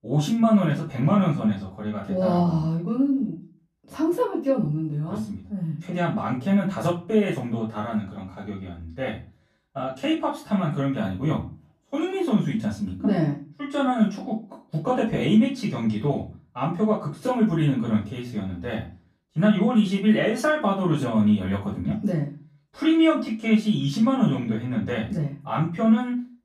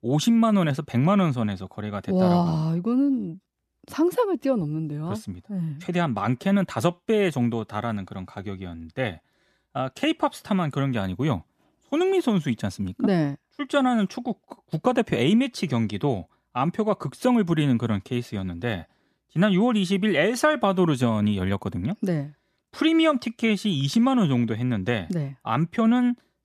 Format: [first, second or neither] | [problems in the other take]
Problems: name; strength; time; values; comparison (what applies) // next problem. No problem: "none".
second | off-mic speech; far // room echo; slight; dies away in 0.3 s